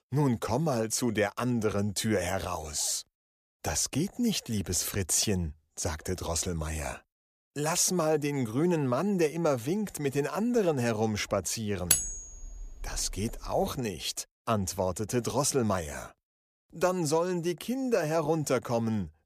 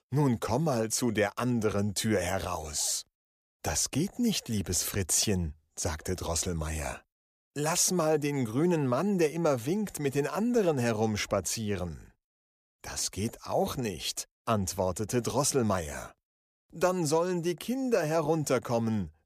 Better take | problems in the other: second | clattering dishes; loud; from 12 to 13 s; peak 4 dB above the speech

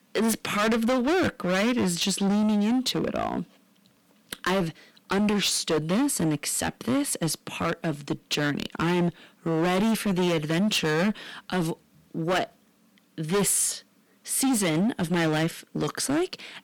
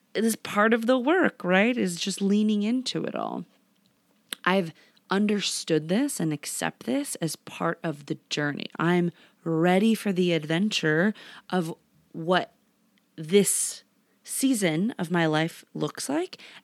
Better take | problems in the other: second | distortion; heavy; 18% of the sound clipped

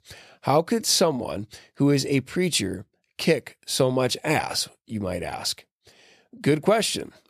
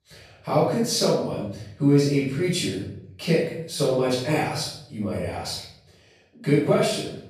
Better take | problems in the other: first | off-mic speech; far // room echo; noticeable; dies away in 0.8 s

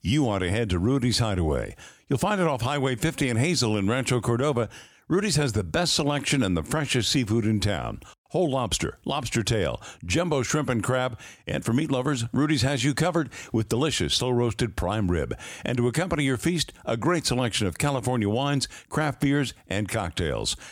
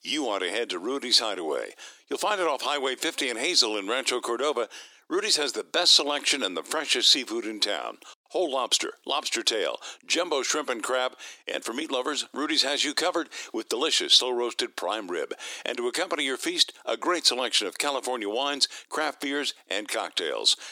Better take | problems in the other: first | thin; very; fading below 350 Hz

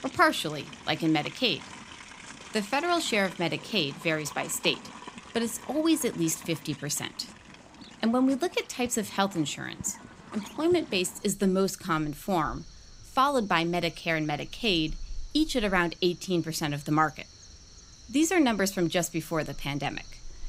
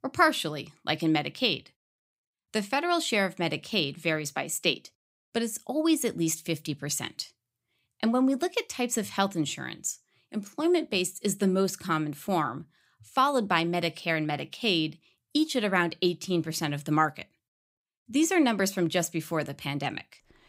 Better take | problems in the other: second | animal sounds; noticeable; throughout; 20 dB below the speech

